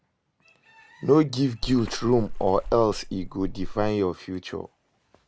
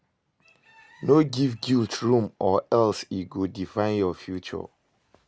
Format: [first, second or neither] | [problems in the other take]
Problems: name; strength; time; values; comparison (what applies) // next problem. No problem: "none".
second | background sound (Water / Splash, splatter); 7 dB below the speech